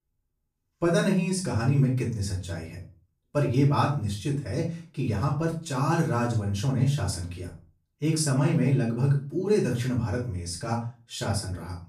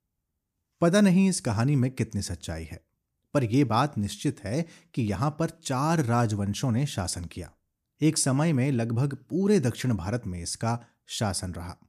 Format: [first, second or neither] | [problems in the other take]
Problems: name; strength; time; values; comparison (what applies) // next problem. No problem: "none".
second | off-mic speech; far // room echo; slight; dies away in 0.3 s